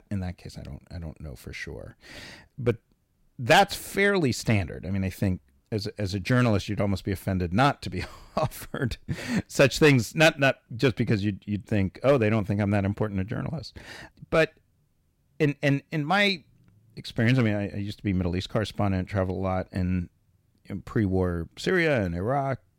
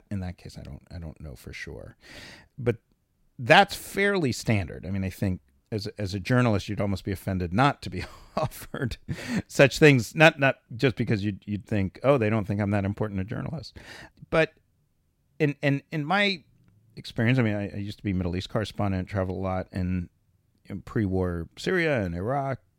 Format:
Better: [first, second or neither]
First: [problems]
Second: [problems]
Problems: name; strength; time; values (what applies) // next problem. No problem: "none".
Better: second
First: distortion; slight; 0.9% of the sound clipped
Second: none